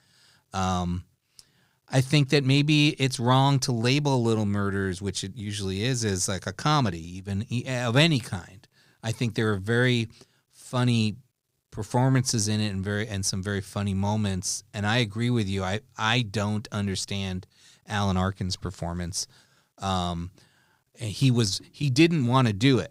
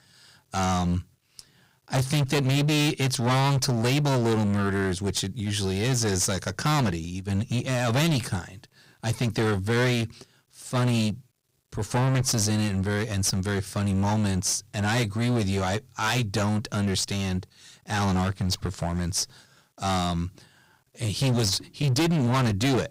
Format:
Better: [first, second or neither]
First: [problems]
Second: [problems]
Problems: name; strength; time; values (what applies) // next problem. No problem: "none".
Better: first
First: none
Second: distortion; heavy; 17% of the sound clipped